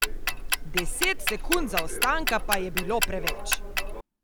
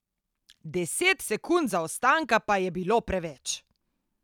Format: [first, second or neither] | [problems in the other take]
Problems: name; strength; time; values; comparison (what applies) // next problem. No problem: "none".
second | background sound (Tick-tock); 3 dB above the speech